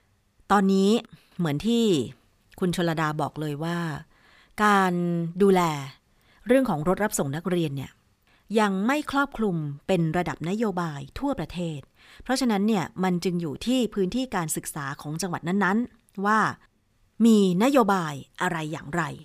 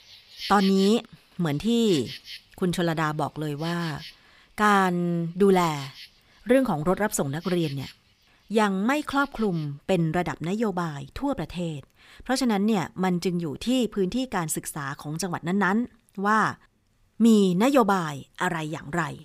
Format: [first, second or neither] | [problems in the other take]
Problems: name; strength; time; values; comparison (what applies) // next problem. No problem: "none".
first | animal sounds; noticeable; throughout; 15 dB below the speech